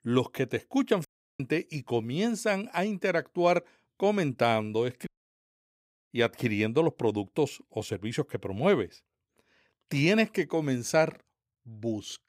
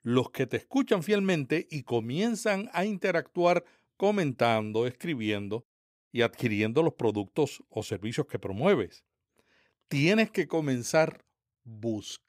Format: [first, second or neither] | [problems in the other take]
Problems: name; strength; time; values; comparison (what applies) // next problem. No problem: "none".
second | audio cutting out; at 1 s and at 5 s for 1 s